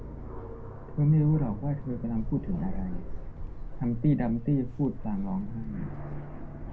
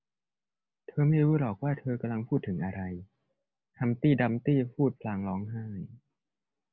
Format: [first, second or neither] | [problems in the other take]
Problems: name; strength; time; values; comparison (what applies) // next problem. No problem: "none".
second | background sound (Aircraft); 6 dB below the speech // room echo; dies away in 0.2 s